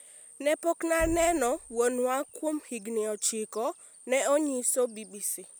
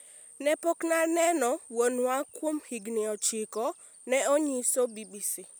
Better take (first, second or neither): second